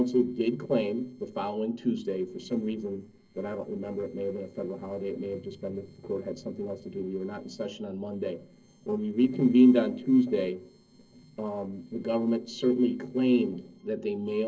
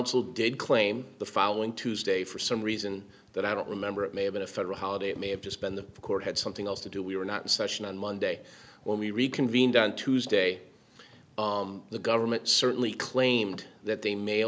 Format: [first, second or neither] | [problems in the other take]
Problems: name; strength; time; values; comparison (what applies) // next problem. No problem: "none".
second | noise reduction (neural separator model SepFormer DNS4)